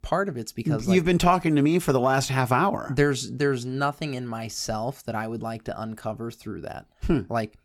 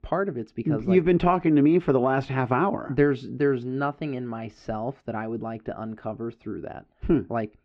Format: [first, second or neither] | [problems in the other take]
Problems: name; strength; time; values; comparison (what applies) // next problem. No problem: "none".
first | muffled; very; fading above 3 kHz